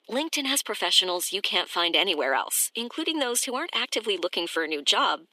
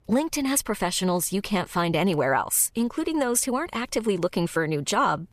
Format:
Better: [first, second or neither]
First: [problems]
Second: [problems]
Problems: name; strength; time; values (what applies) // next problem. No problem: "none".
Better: second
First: thin; somewhat; fading below 300 Hz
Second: none